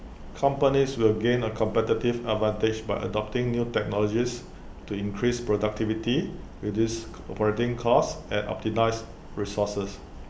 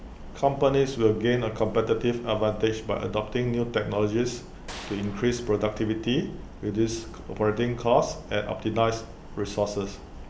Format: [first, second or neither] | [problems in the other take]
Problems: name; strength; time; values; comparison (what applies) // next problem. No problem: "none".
first | background sound (Gunshot, gunfire); 17 dB below the speech